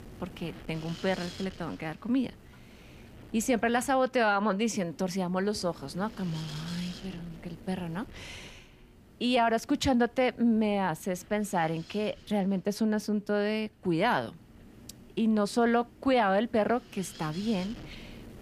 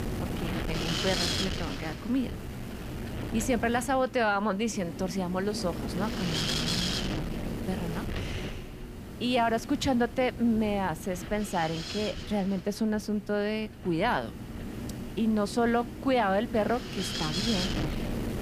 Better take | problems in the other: first | wind noise on the microphone; heavy; 5 dB below the speech; occasional gusts in the first

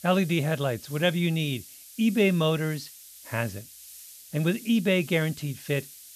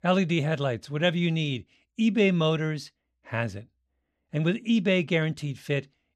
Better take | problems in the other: second | hiss; noticeable; throughout; 15 dB below the speech

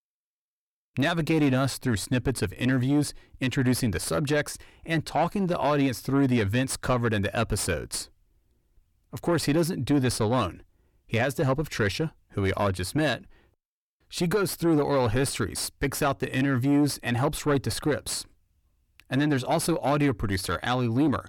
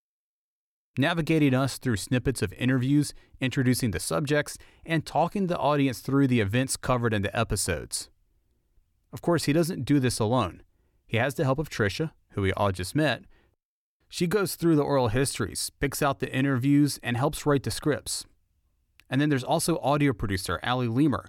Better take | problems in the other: second | distortion; slight; 10 dB below the speech

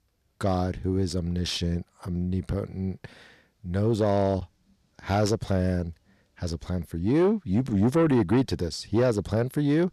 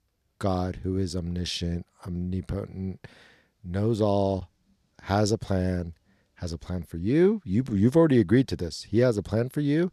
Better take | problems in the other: second | distortion; slight; 10 dB below the speech

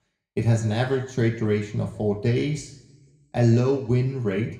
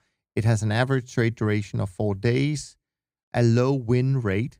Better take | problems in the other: second | room echo; slight; dies away in 0.7 s

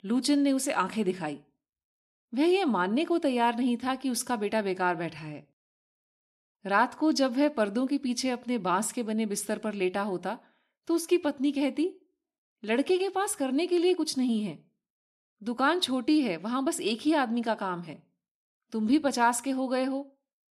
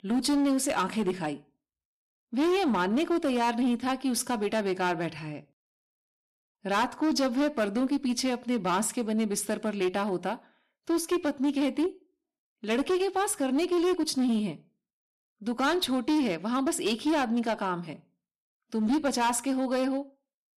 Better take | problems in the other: first | distortion; slight; 11% of the sound clipped

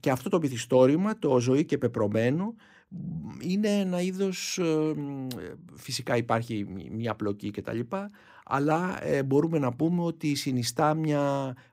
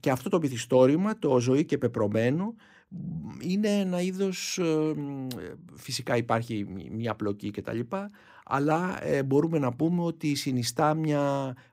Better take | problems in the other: neither | none

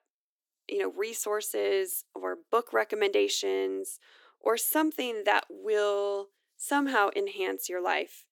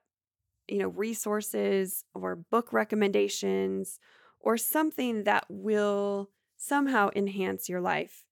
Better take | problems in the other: second | thin; somewhat; fading below 300 Hz

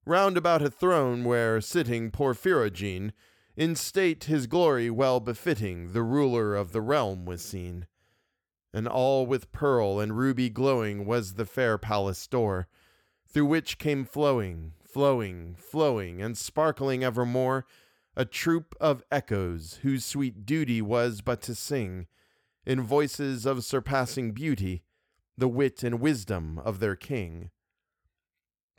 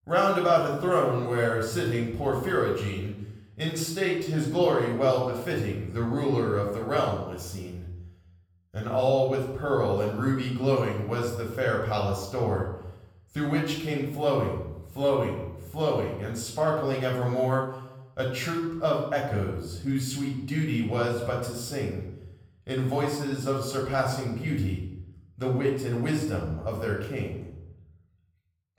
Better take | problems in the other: first | off-mic speech; far // room echo; noticeable; dies away in 0.7 s

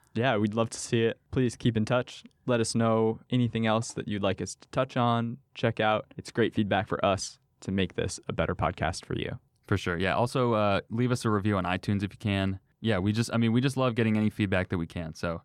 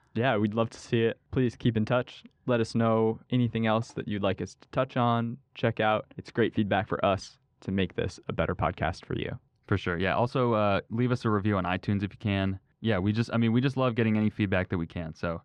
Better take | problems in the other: first | muffled; slightly; fading above 3.5 kHz

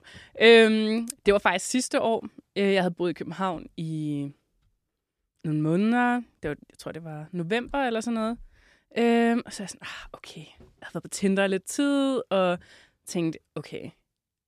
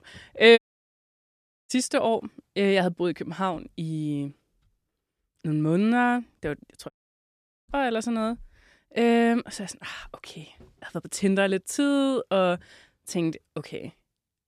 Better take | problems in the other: first | audio cutting out; at 0.5 s for 1 s and at 7 s for 1 s

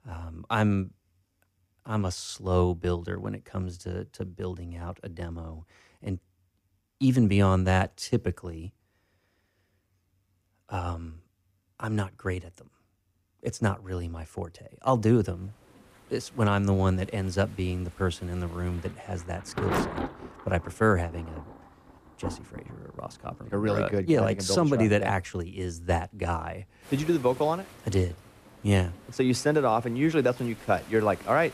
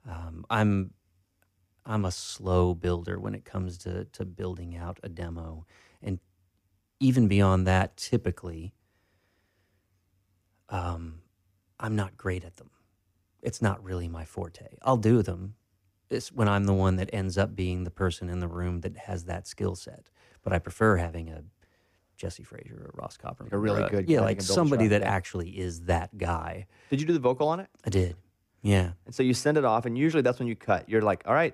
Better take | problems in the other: second | rain or running water; noticeable; from 15 s on; 15 dB below the speech

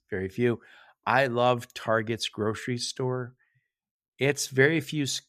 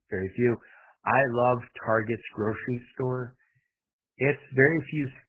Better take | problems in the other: first | garbled, watery; badly; nothing above 2.5 kHz

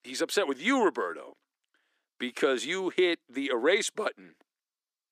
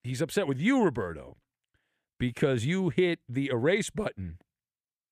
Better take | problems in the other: second | thin; somewhat; fading below 300 Hz

